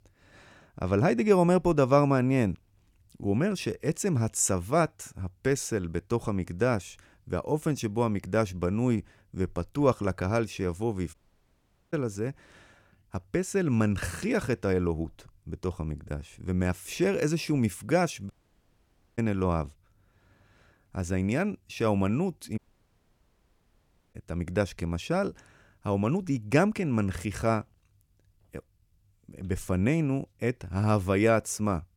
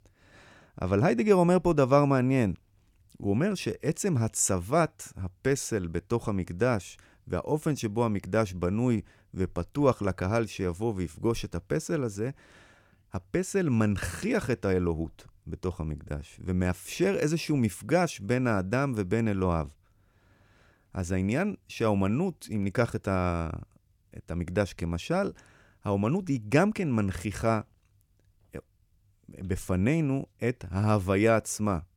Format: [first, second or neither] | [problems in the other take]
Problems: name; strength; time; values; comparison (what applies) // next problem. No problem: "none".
second | audio cutting out; at 11 s for 1 s, at 18 s for 1 s and at 23 s for 1.5 s